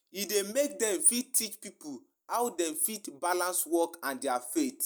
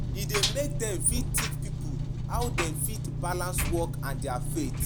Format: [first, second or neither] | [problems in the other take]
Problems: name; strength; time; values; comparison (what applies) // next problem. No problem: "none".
first | background sound (Engine); 3 dB above the speech